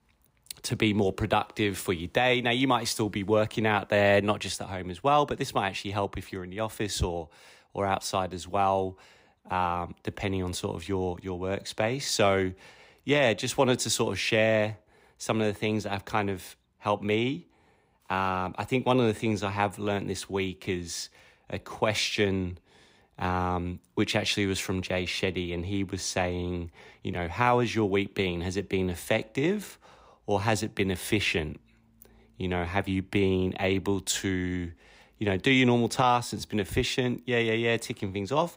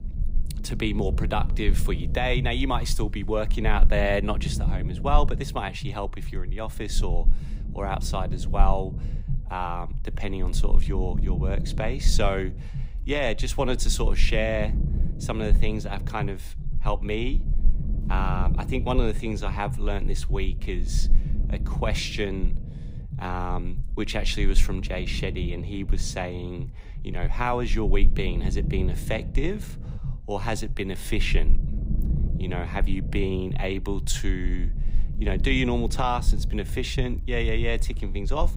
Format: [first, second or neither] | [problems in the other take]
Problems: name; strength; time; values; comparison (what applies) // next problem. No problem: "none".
first | low rumble; noticeable; throughout; 15 dB below the speech